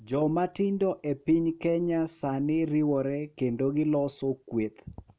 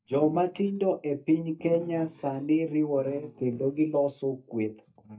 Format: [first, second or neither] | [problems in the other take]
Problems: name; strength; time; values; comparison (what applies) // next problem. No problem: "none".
first | noise reduction (neural mask model DeepFilterNet 3)